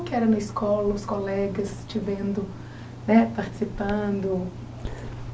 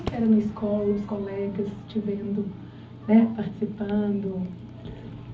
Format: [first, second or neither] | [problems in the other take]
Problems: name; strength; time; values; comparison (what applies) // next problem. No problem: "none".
first | background sound (Crowd / Fireworks); 18 dB below the speech // room echo; dies away in 0.4 s